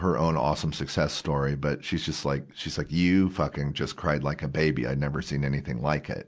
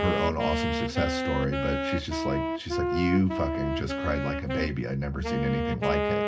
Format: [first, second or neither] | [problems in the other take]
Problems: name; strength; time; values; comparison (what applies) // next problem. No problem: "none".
first | background sound (Wind instrument, woodwind instrument); as loud as the speech // room echo; dies away in 0.4 s